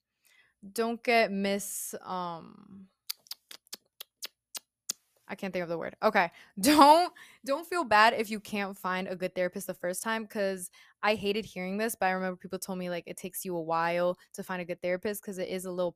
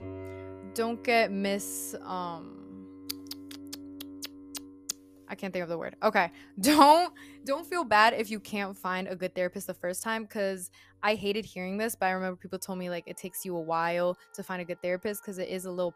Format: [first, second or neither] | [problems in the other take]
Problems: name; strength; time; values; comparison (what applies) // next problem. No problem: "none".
first | background music; noticeable; throughout; 20 dB below the speech